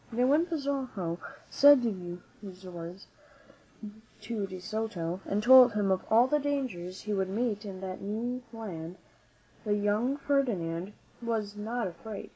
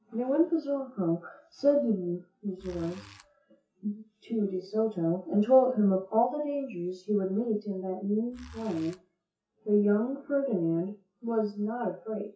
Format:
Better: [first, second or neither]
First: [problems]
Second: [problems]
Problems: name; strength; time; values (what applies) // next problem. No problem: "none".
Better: first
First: none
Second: noise reduction (classical method WPE with log-MMSE)